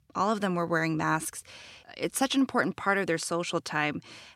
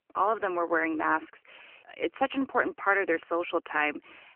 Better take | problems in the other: first | phone-call audio; nothing above 3 kHz

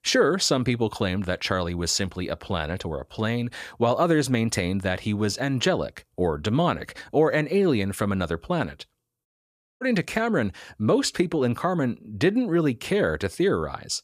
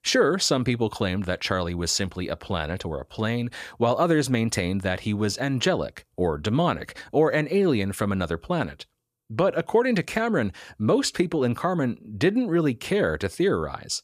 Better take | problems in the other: second | audio cutting out; at 9.5 s for 0.5 s

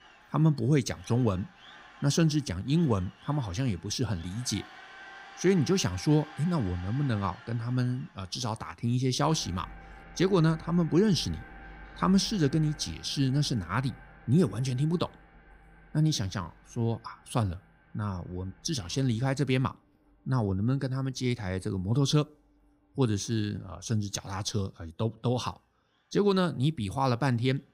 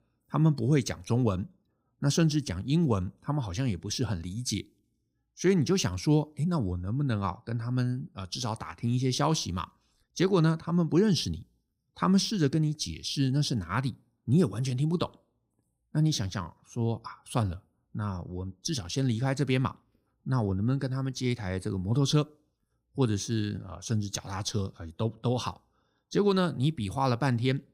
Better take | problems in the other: second | machinery noise; faint; throughout; 20 dB below the speech

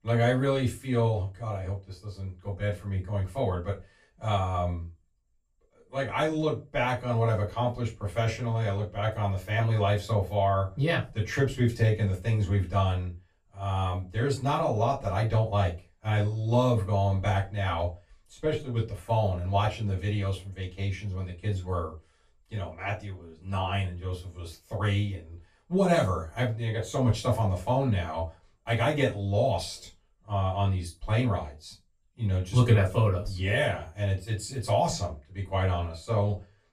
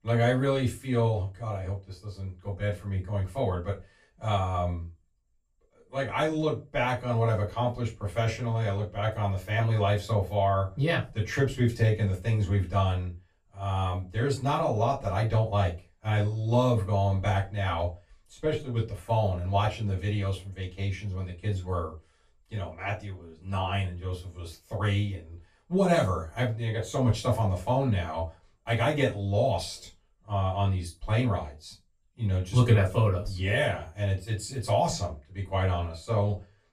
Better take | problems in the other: neither | off-mic speech; far; the same in both // room echo; very slight; dies away in 0.2 s; the same in both

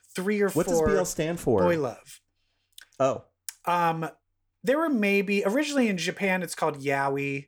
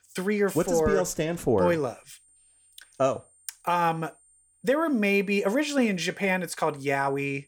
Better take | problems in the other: first | high-pitched whine; faint; from 1.5 s on; 9 kHz, 35 dB below the speech

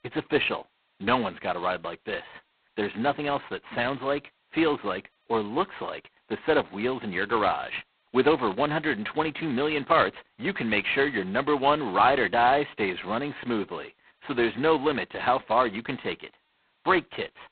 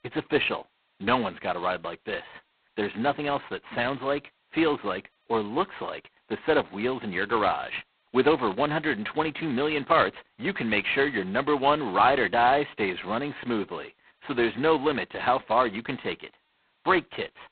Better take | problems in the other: neither | phone-call audio; poor line; nothing above 4 kHz; the same in both

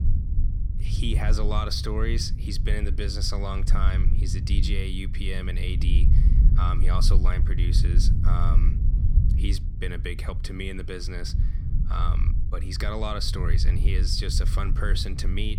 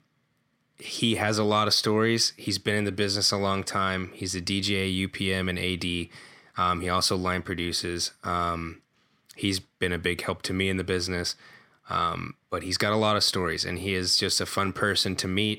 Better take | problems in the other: second | low rumble; loud; throughout; 9 dB below the speech

